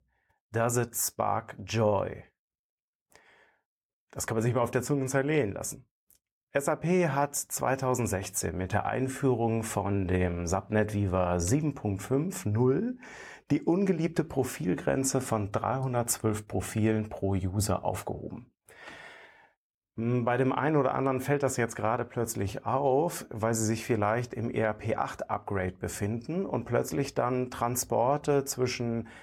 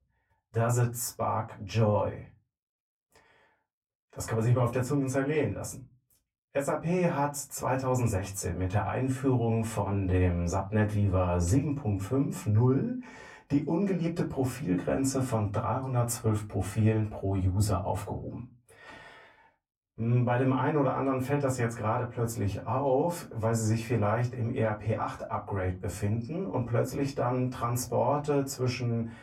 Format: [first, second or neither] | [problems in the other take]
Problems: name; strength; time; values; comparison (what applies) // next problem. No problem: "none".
first | off-mic speech; far // room echo; very slight; dies away in 0.2 s